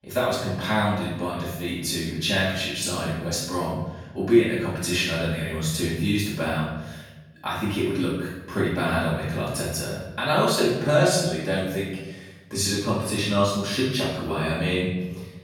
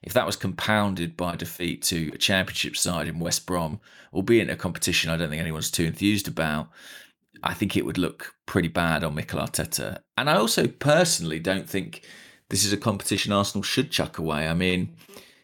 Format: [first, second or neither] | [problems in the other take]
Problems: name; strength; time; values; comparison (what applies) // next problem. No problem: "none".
second | off-mic speech; far // room echo; strong; dies away in 1 s